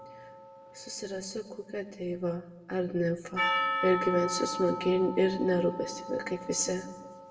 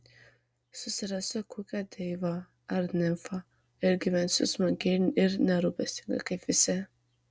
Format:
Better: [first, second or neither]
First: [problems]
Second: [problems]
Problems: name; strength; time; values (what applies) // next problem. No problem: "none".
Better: second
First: background sound (Percussion); 6 dB below the speech // room echo; dies away in 0.9 s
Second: none